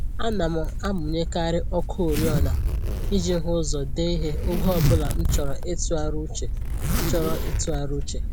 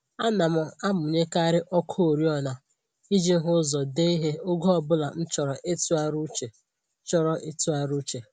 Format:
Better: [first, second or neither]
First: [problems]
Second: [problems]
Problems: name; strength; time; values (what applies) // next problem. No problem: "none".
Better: second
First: background sound (Zipper (clothing)); 4 dB above the speech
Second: none